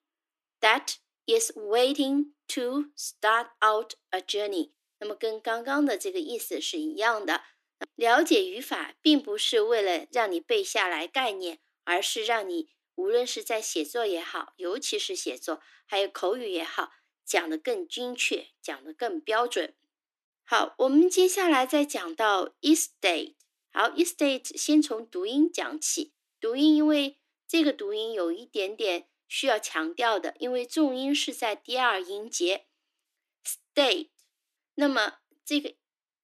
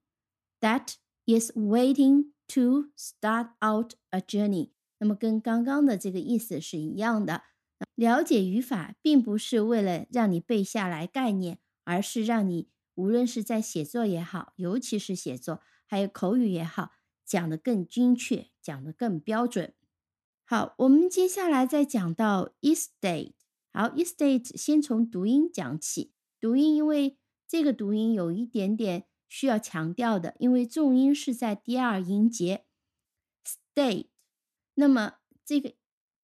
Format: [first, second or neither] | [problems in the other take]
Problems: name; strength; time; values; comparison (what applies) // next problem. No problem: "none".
second | thin; somewhat; fading below 300 Hz